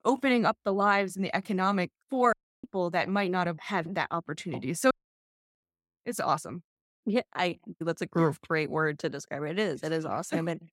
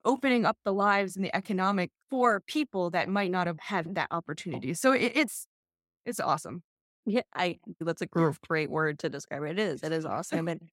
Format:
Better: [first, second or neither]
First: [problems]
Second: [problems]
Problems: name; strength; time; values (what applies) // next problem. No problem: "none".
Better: second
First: audio cutting out; at 2.5 s and at 5 s for 0.5 s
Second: none